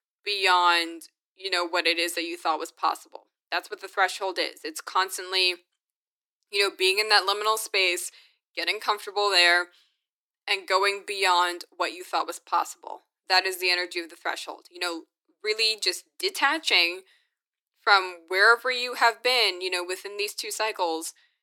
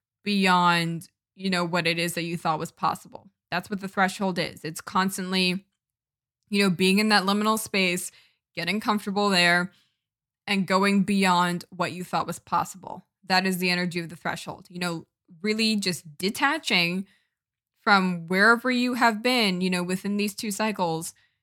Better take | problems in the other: second | thin; very; fading below 300 Hz

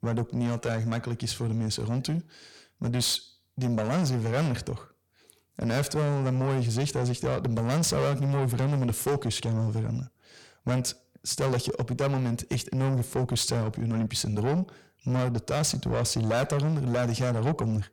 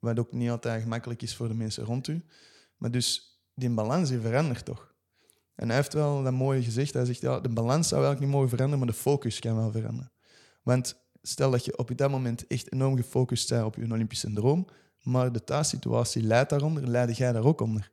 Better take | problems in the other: second | distortion; heavy; 7 dB below the speech

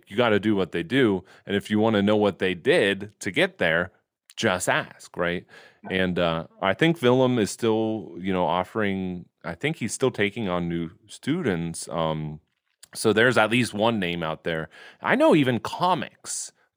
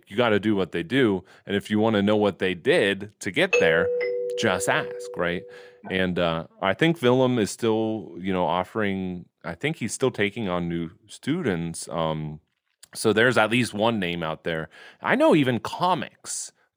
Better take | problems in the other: first | doorbell; loud; from 3.5 to 5 s; peak 3 dB above the speech

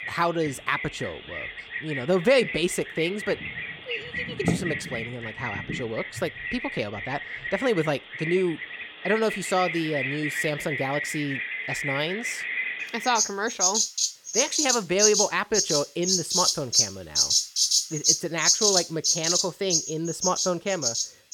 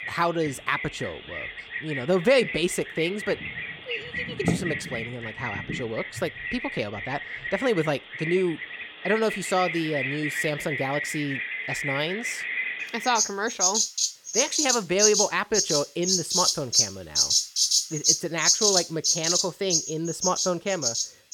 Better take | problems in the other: neither | animal sounds; very loud; throughout; 2 dB above the speech; the same in both

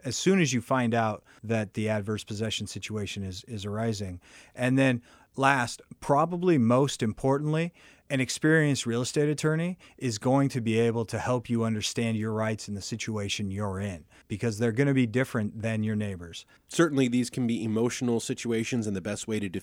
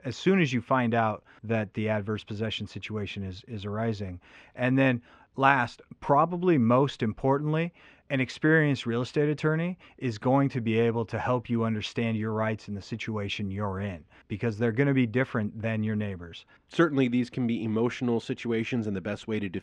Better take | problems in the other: first | muffled; slightly; fading above 2.5 kHz

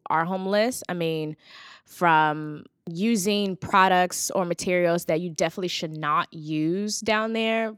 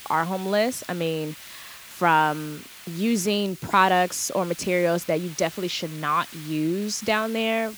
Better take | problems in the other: first | hiss; noticeable; throughout; 15 dB below the speech

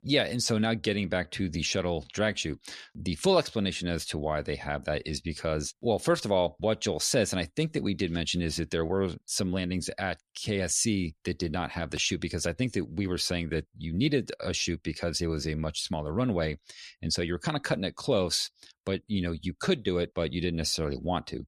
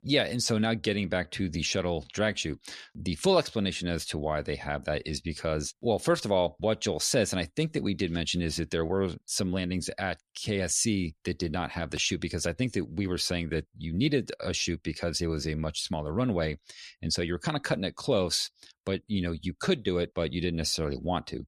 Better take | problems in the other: neither | none

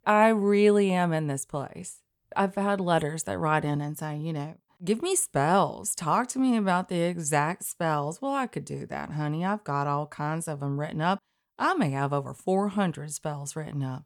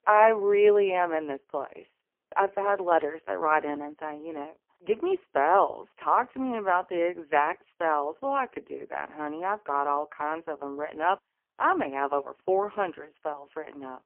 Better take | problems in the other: first | phone-call audio; poor line; nothing above 3 kHz

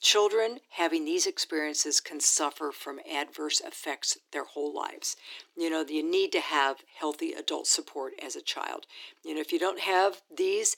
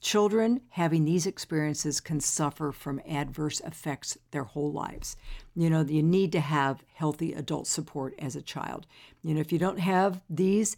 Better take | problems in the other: second | thin; very; fading below 300 Hz

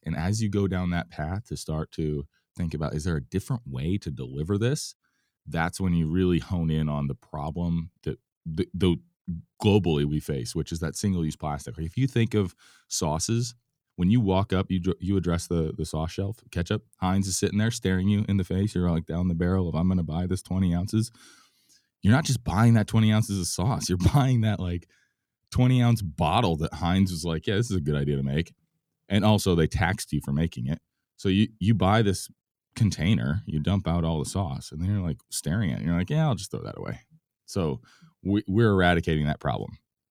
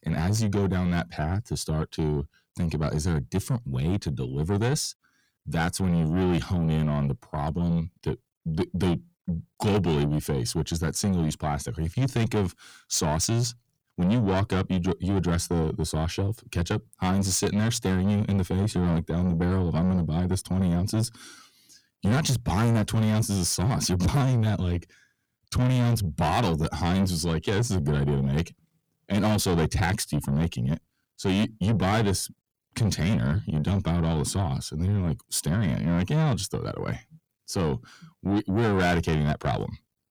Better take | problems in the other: first | distortion; heavy; 8 dB below the speech

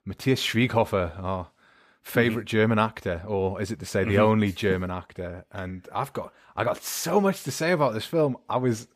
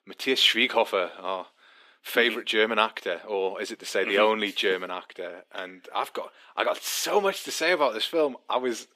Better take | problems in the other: first | thin; somewhat; fading below 300 Hz

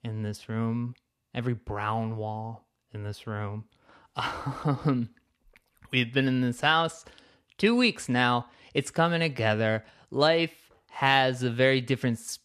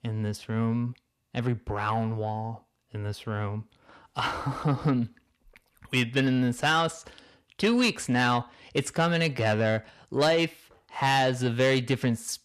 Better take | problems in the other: first | distortion; slight; 10 dB below the speech

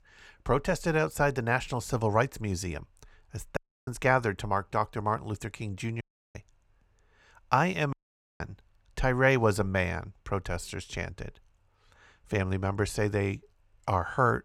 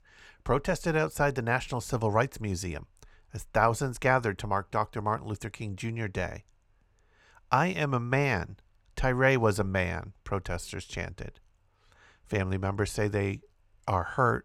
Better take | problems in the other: second | audio cutting out; at 3.5 s, at 6 s and at 8 s

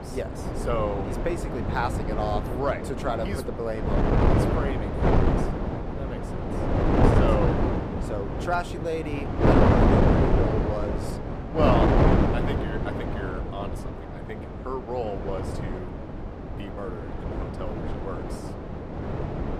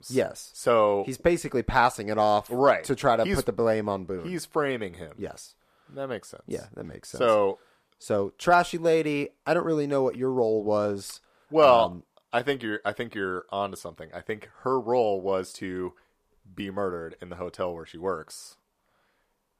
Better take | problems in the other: second | wind noise on the microphone; heavy; 2 dB above the speech

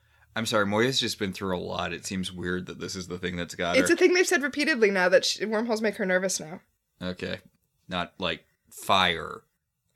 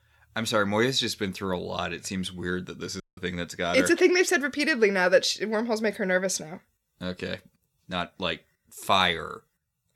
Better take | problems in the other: first | audio cutting out; at 3 s

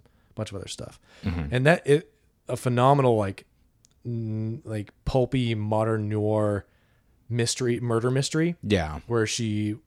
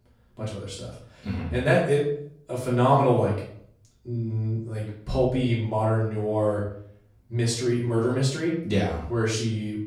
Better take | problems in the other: first | off-mic speech; far // room echo; noticeable; dies away in 0.5 s

